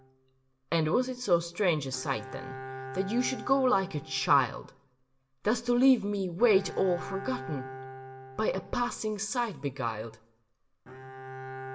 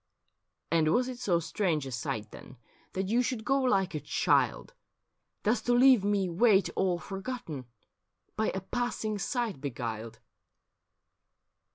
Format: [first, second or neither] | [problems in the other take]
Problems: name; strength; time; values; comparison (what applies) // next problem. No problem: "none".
second | background sound (Bowed string instrument); 14 dB below the speech // room echo; dies away in 0.6 s